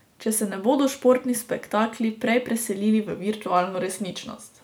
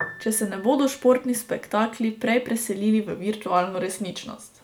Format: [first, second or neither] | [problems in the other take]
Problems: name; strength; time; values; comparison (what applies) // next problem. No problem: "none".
first | background sound (Piano); 19 dB below the speech